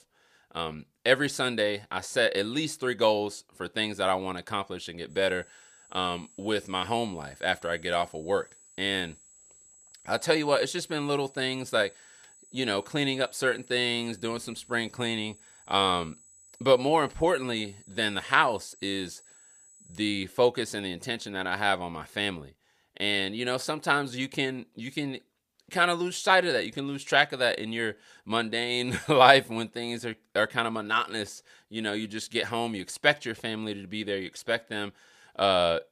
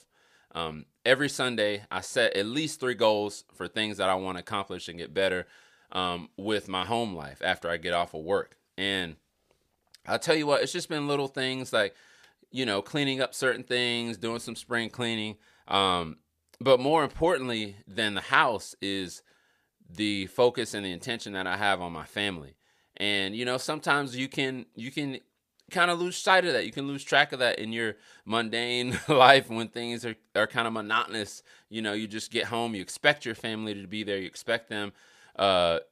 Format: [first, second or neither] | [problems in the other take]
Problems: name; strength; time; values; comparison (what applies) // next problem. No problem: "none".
second | high-pitched whine; faint; from 5 to 20 s; 8 kHz, 25 dB below the speech